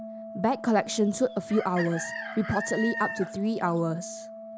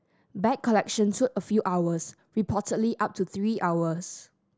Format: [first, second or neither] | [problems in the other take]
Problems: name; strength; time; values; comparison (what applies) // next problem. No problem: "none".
second | background sound (Organ + Chicken, rooster); 9 dB below the speech